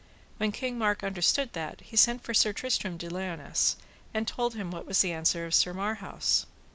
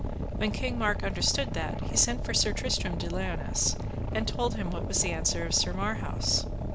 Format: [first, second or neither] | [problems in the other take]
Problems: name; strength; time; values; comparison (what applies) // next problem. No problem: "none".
first | background sound (Boat, Water vehicle); 1 dB below the speech